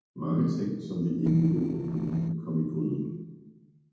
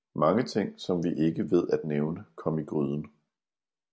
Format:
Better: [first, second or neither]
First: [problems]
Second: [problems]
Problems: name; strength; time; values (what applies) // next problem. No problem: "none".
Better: second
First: noise reduction (neural separator model SepFormer DNS4)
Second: none